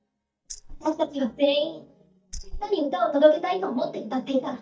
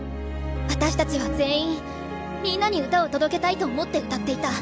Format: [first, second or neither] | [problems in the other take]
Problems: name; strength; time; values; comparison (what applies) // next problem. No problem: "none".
second | noise reduction (neural mask model DeepFilterNet 3)